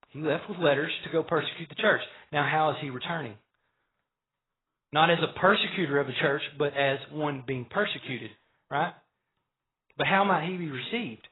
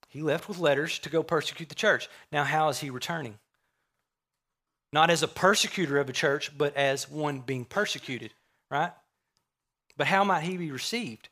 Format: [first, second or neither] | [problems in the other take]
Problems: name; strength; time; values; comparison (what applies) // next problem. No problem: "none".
second | garbled, watery; badly; nothing above 4 kHz